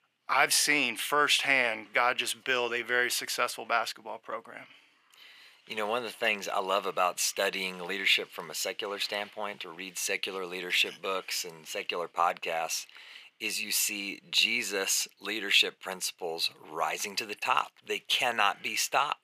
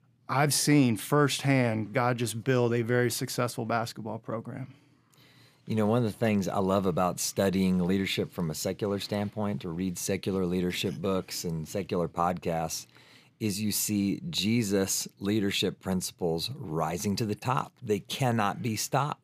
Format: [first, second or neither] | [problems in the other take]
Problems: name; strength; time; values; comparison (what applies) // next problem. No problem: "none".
second | thin; very; fading below 600 Hz